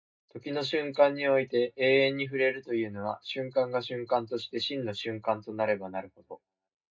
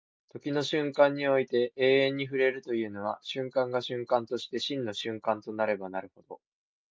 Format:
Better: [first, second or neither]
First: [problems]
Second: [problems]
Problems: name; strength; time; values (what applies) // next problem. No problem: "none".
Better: second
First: room echo; dies away in 0.2 s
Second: none